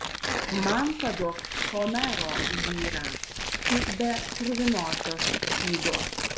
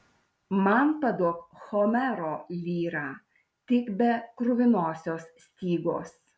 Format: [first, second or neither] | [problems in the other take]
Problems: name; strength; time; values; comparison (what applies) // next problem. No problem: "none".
second | background sound (Tearing); as loud as the speech